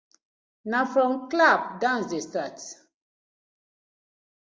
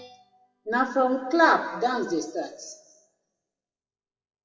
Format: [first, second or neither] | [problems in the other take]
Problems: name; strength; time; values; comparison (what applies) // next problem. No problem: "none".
first | noise reduction (classical method WPE with log-MMSE)